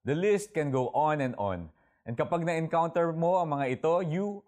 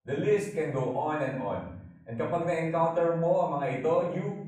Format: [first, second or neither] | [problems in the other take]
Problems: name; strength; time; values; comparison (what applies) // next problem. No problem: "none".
first | off-mic speech; far // room echo; noticeable; dies away in 0.6 s